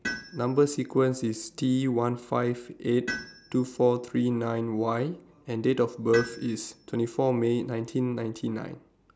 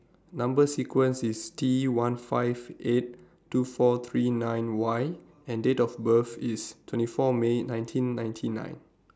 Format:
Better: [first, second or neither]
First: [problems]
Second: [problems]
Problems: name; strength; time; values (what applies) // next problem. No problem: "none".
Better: second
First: background sound (Tools); 16 dB below the speech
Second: none